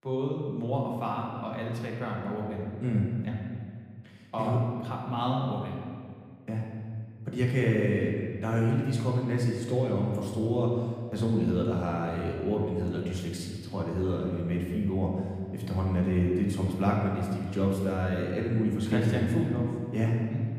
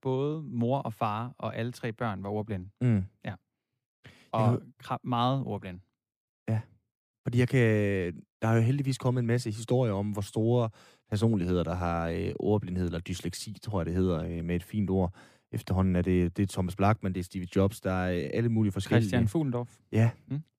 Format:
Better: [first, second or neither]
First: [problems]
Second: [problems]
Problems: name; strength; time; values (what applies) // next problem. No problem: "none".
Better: second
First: room echo; noticeable; dies away in 1.8 s // off-mic speech; somewhat distant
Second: none